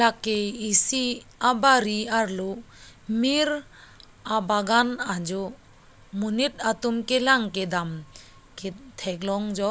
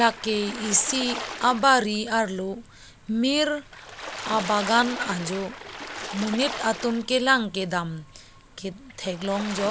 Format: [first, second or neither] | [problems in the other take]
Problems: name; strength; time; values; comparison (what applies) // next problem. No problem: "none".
first | background sound (Water / Splash, splatter); 12 dB below the speech